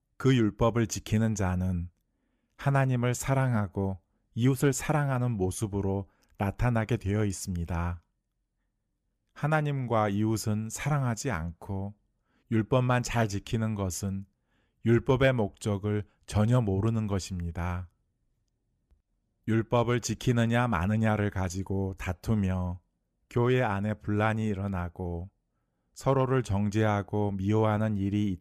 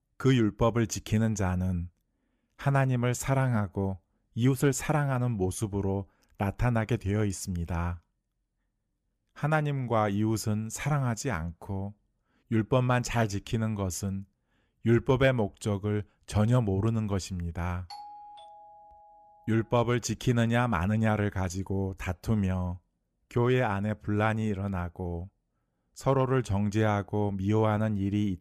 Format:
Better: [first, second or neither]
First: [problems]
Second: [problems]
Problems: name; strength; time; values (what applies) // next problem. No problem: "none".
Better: first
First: none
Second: doorbell; faint; from 18 to 20 s; peak 15 dB below the speech